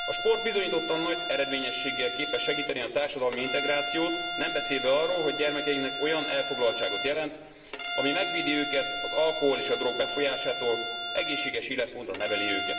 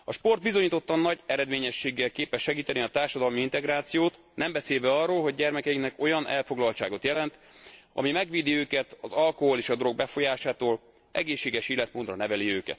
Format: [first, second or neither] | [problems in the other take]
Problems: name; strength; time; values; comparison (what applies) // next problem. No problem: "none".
second | background sound (Bowed string instrument); 4 dB below the speech // room echo; dies away in 2.7 s